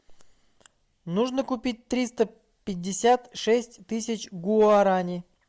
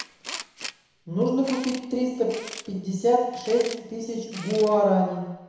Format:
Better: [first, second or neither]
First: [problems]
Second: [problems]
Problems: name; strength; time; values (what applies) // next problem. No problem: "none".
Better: first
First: none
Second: background sound (Tools); 16 dB below the speech // room echo; dies away in 1 s